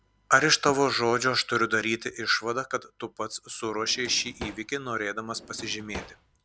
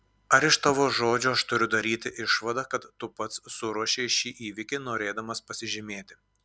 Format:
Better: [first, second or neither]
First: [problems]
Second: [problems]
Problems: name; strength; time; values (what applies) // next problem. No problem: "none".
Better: second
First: background sound (Drawer open or close); 16 dB below the speech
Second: none